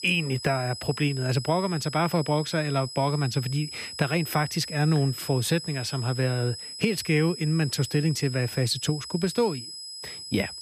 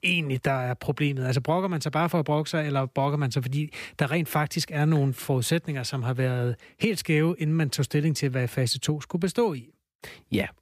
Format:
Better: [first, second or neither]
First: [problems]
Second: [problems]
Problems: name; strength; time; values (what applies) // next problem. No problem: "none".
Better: second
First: high-pitched whine; loud; throughout; 5 kHz, 10 dB below the speech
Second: none